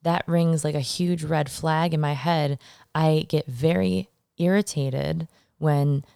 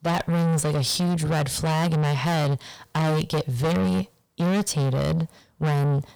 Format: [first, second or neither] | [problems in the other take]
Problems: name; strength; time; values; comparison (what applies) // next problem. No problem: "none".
first | distortion; heavy; 6 dB below the speech